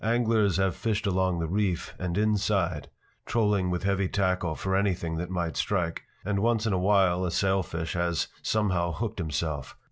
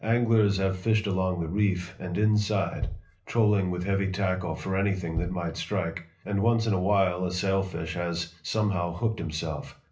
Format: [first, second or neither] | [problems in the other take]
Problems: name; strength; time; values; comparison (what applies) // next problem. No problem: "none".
first | background sound (Bass drum); 13 dB below the speech // room echo; dies away in 0.3 s